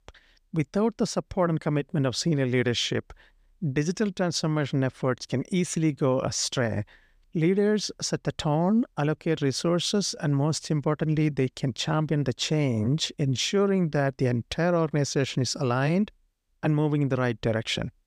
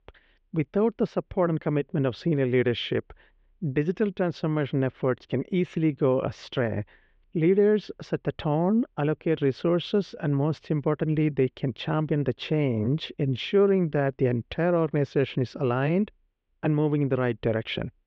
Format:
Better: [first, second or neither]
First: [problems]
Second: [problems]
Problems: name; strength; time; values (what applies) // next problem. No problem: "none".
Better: first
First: none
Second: muffled; very; fading above 3 kHz